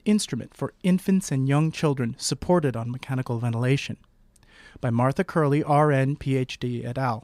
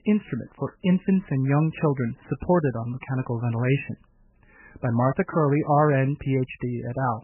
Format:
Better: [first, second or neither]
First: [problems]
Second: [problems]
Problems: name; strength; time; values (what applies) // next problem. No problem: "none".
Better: first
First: none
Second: garbled, watery; badly; nothing above 3 kHz